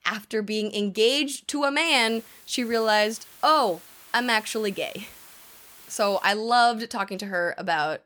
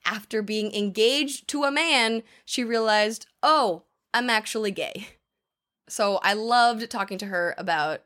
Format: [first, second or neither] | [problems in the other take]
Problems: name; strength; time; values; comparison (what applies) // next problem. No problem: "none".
second | hiss; faint; from 2 to 6.5 s; 20 dB below the speech